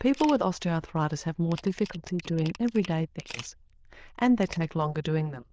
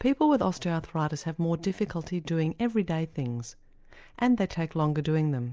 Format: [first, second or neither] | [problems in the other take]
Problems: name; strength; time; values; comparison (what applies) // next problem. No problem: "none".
second | noise reduction (neural diffusion model UNIVERSE++)